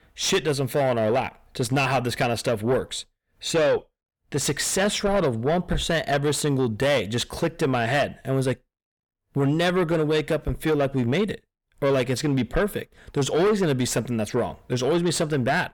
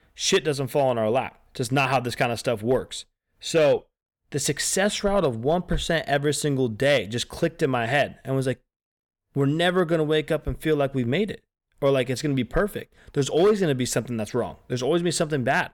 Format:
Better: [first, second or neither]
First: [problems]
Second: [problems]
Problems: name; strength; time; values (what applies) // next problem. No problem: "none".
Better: second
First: distortion; slight; 10 dB below the speech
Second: none